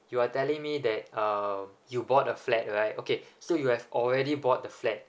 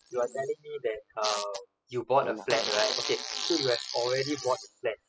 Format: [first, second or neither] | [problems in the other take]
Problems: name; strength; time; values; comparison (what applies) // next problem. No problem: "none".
first | noise reduction (classical method spectral subtraction)